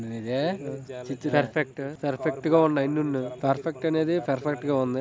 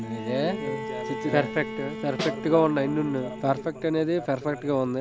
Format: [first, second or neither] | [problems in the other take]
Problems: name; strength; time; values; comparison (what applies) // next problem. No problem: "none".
first | background sound (Bowed string instrument + Snare drum); 9 dB below the speech